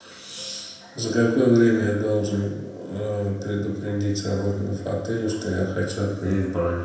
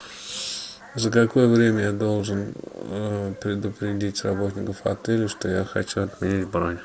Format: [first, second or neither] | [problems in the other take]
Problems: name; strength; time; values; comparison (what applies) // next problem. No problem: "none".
second | room echo; dies away in 0.8 s